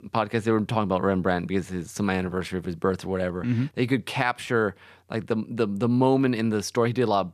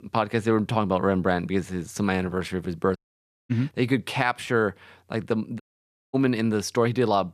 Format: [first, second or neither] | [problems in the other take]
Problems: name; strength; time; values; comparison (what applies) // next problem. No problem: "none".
first | audio cutting out; at 3 s for 0.5 s and at 5.5 s for 0.5 s